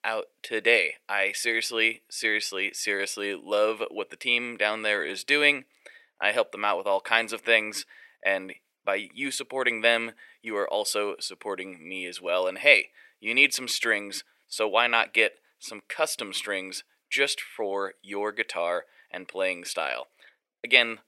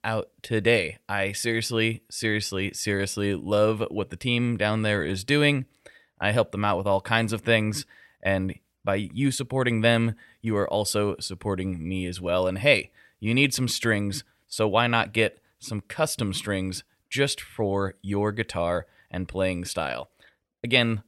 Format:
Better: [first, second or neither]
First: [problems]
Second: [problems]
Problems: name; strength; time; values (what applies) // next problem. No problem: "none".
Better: second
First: thin; somewhat; fading below 400 Hz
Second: none